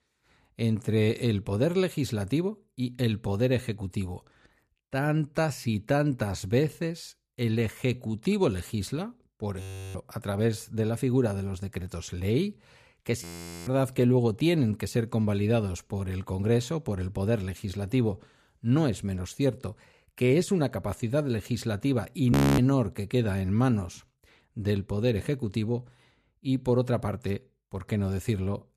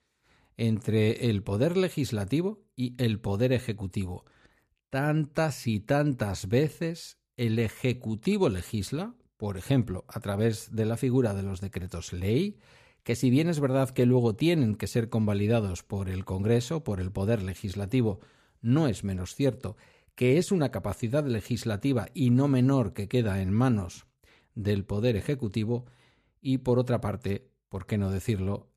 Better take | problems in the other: second | audio freezing; at 9.5 s, at 13 s and at 22 s

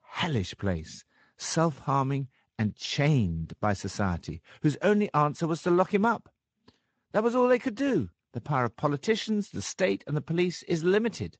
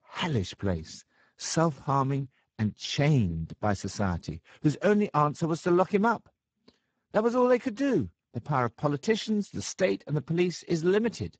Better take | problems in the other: first | garbled, watery; badly; nothing above 7.5 kHz; slightly in the first

